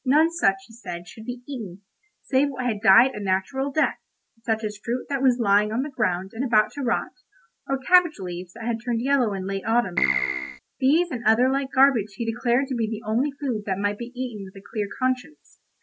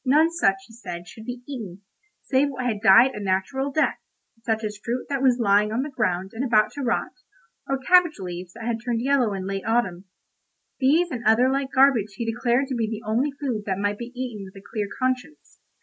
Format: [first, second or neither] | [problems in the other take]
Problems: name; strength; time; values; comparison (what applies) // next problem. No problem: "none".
second | background sound (Keyboard (musical)); 1 dB below the speech